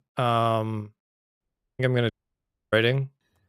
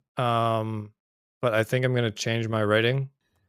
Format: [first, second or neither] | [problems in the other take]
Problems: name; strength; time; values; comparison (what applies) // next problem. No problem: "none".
second | audio cutting out; at 1.5 s and at 2 s for 0.5 s